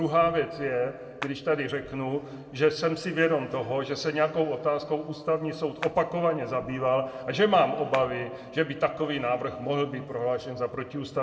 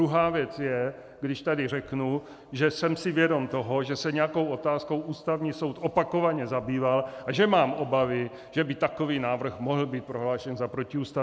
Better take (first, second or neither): second